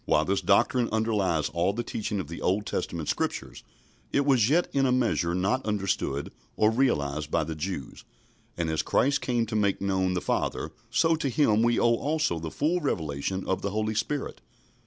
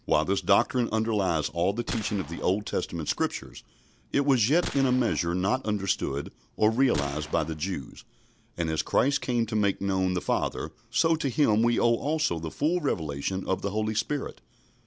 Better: first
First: none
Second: background sound (Gunshot, gunfire); 14 dB below the speech

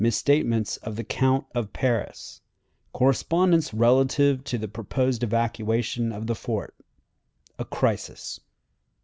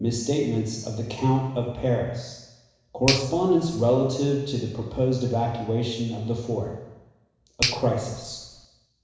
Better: first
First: none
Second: background sound (Finger snapping); 11 dB below the speech // room echo; dies away in 1 s

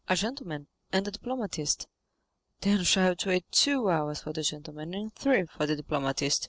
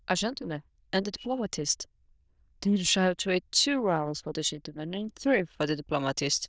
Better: first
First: none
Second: noise reduction (neural diffusion model UNIVERSE++)

